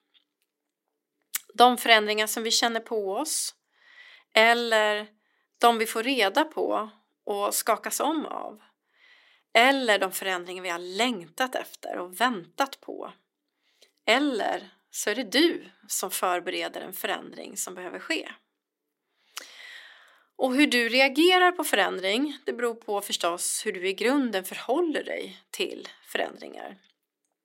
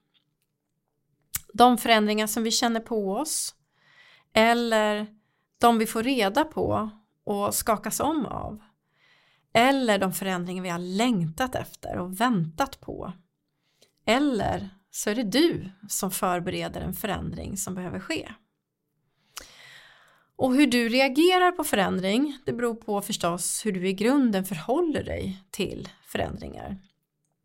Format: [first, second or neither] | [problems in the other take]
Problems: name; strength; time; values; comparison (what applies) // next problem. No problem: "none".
second | thin; very slightly; fading below 250 Hz